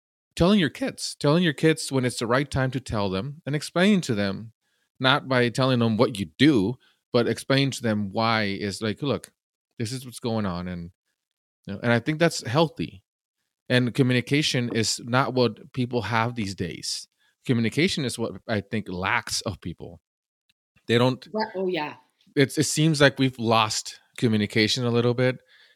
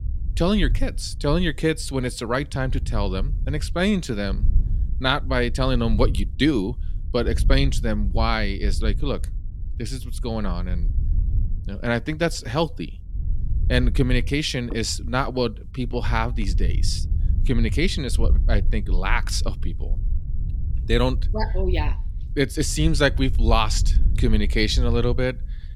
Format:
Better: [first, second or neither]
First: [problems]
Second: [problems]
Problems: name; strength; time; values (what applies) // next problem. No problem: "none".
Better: first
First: none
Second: low rumble; noticeable; throughout; 20 dB below the speech